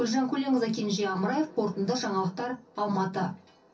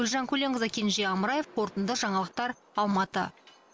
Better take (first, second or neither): second